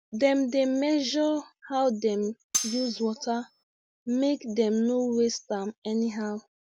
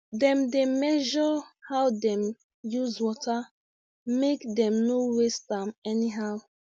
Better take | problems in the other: second | background sound (Cutlery, silverware); 7 dB below the speech

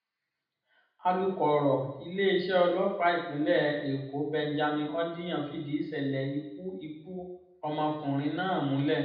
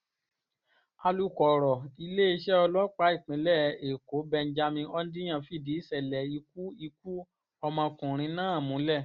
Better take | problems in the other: second | room echo; dies away in 0.8 s

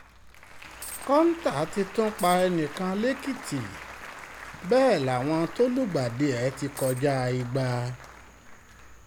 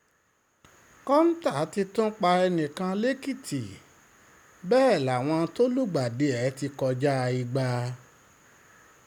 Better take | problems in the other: second | background sound (Coin (dropping) + Applause); 15 dB below the speech

